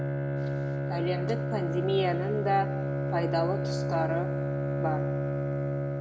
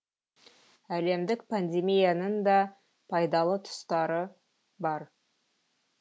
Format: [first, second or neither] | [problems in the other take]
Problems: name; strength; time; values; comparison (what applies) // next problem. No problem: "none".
second | background sound (Bowed string instrument); 2 dB above the speech // room echo; dies away in 1.3 s